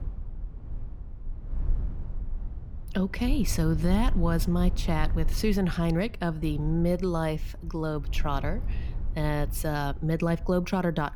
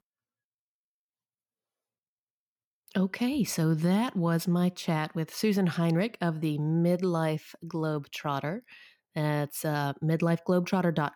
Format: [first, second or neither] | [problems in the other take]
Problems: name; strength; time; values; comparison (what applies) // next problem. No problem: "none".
second | low rumble; noticeable; throughout; 20 dB below the speech